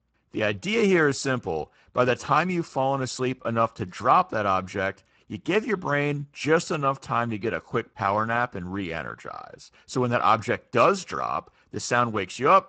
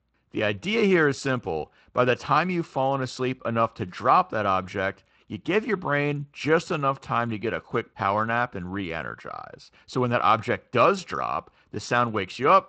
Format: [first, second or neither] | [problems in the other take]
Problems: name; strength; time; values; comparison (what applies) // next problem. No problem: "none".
second | garbled, watery; badly; nothing above 8 kHz; slightly in the second